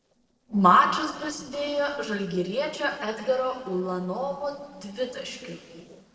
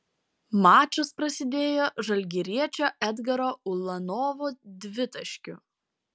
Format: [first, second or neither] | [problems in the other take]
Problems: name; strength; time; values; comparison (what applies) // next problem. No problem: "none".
second | noise reduction (neural separator model SepFormer DNS4)